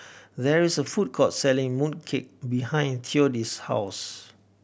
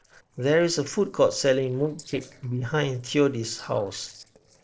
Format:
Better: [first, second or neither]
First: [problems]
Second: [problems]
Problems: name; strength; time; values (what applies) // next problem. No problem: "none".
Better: first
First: none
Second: noise reduction (neural separator model SepFormer DNS4)